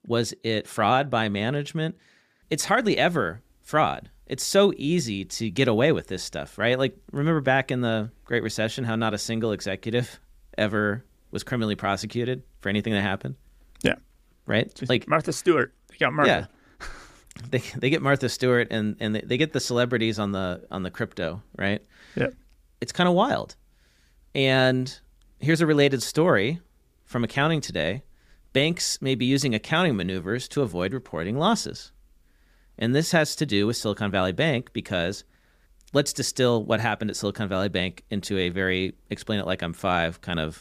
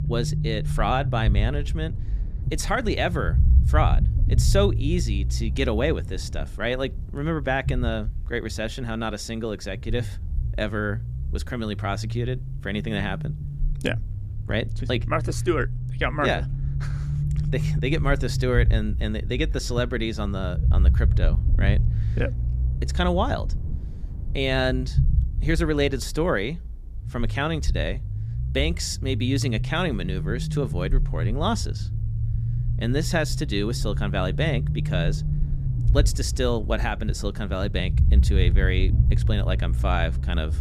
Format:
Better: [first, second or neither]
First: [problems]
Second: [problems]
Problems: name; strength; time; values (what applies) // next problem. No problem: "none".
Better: first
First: none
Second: low rumble; noticeable; throughout; 15 dB below the speech